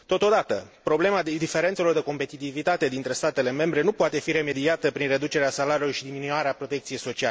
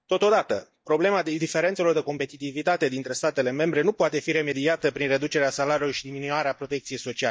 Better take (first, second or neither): first